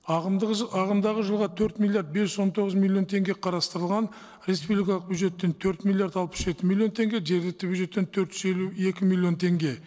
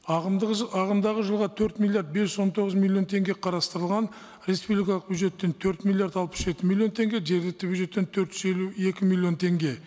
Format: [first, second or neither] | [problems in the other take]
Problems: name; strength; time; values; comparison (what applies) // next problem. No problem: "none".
second | noise reduction (neural separator model SepFormer DNS4)